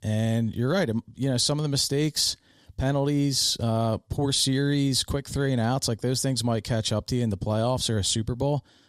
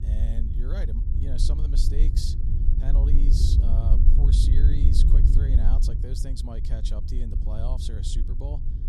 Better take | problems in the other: first | low rumble; loud; throughout; 2 dB below the speech

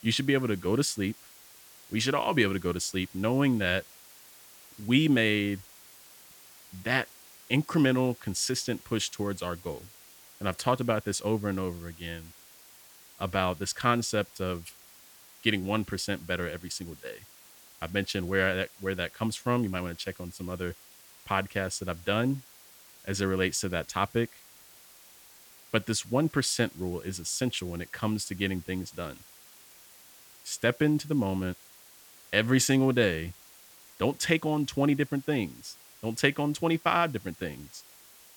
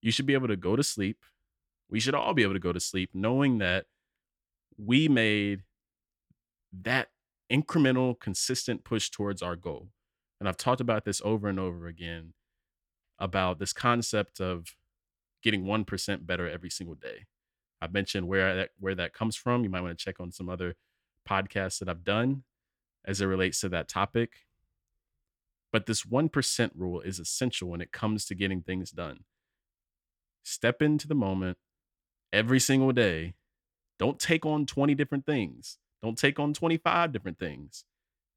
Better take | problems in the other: second | hiss; faint; throughout; 20 dB below the speech

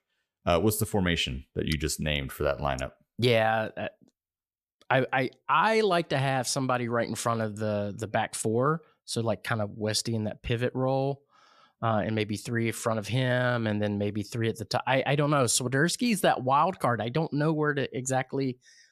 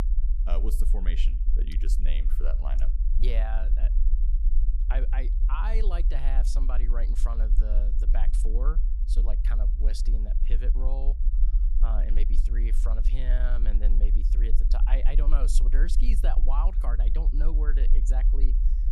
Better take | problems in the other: first | low rumble; loud; throughout; 10 dB below the speech

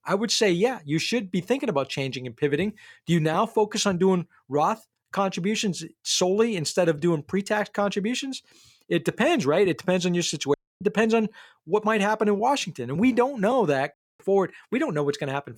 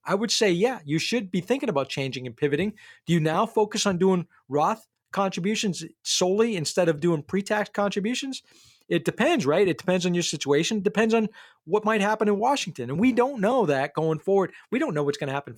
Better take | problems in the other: second | audio cutting out; at 11 s and at 14 s

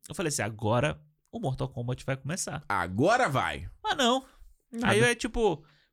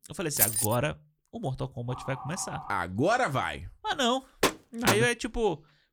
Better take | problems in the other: first | jangling keys; loud; at 0.5 s; peak 6 dB above the speech // siren; faint; at 2 s; peak 10 dB below the speech // door banging; loud; at 4.5 s; peak 1 dB above the speech

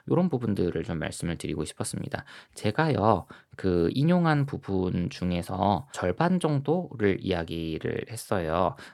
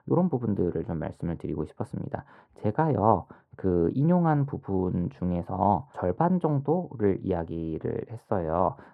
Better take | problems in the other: first | muffled; very; fading above 2 kHz

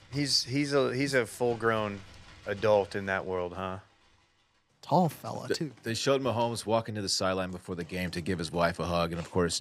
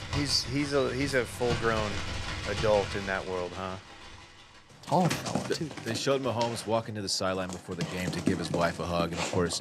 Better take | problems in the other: first | animal sounds; loud; throughout; 6 dB below the speech; faint in the first

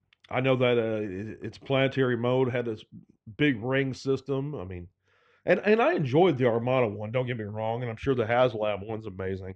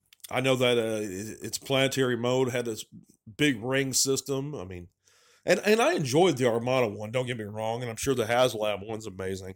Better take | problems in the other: second | muffled; very; fading above 2.5 kHz

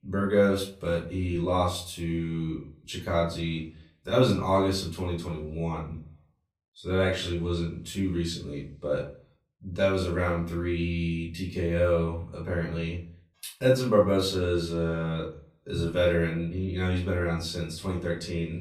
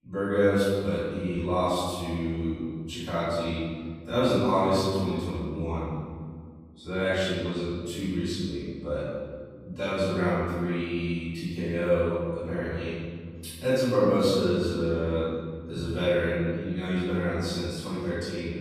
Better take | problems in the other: first | room echo; strong; dies away in 1.8 s; slight in the first // off-mic speech; far; far in the first

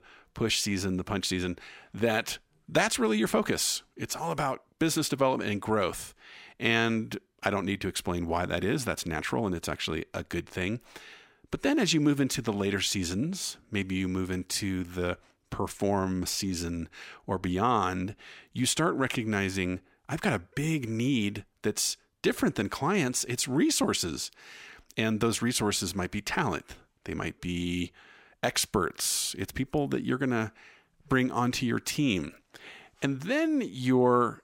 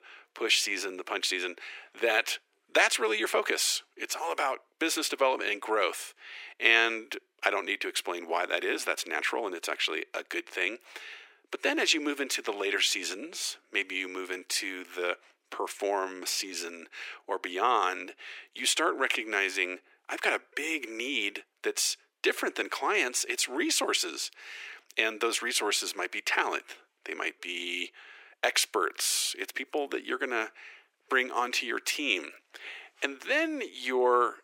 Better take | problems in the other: first | thin; very; fading below 350 Hz

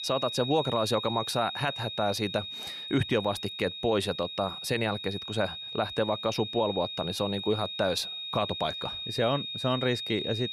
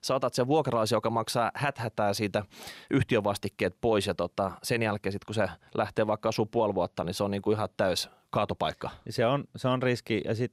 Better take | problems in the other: second | high-pitched whine; loud; throughout; 3.5 kHz, 5 dB below the speech

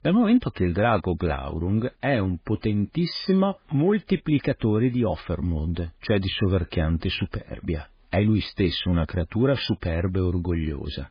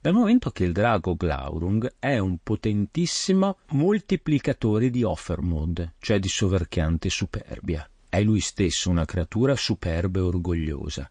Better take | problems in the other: second | garbled, watery; badly; nothing above 5 kHz; slightly in the second

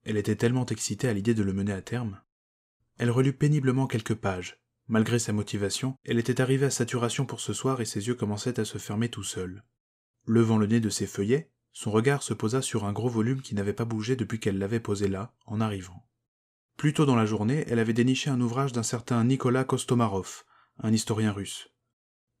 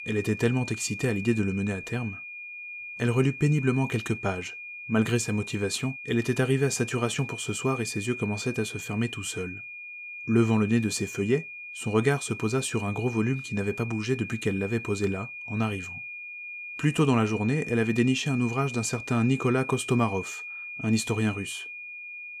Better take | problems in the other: first | high-pitched whine; loud; throughout; 2.5 kHz, 10 dB below the speech

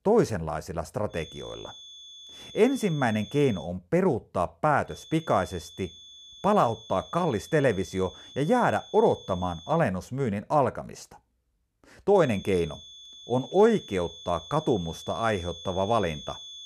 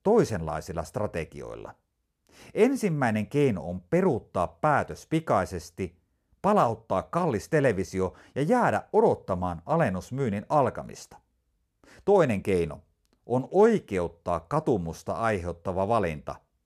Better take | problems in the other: second | high-pitched whine; noticeable; from 1 to 3.5 s, from 5 to 10 s and from 12 s on; 3.5 kHz, 15 dB below the speech

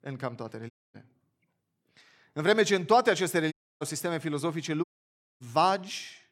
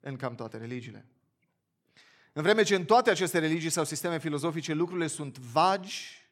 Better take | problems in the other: second | audio cutting out; at 0.5 s, at 3.5 s and at 5 s for 0.5 s

